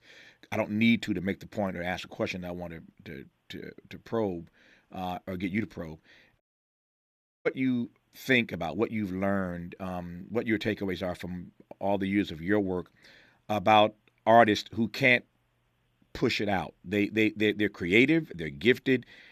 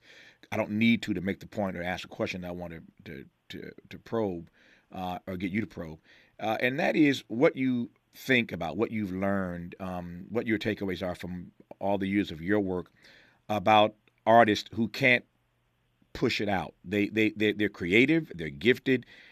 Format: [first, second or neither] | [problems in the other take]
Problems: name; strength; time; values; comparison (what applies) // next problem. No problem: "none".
second | audio cutting out; at 6.5 s for 1 s